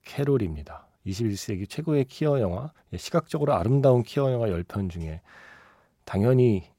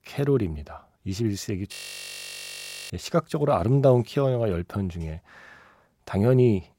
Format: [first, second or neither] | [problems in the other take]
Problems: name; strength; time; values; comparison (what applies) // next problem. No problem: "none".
first | audio freezing; at 1.5 s for 1 s